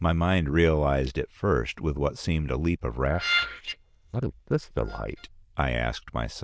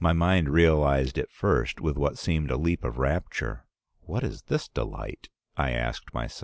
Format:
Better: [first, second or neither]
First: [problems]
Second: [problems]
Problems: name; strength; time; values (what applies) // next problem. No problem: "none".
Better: second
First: noise reduction (neural diffusion model UNIVERSE++)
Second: none